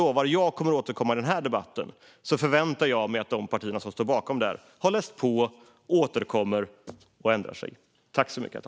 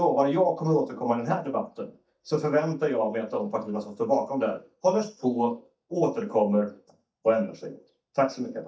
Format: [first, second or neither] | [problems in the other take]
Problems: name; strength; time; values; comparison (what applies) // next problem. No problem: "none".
first | noise reduction (neural mask model DeepFilterNet 3)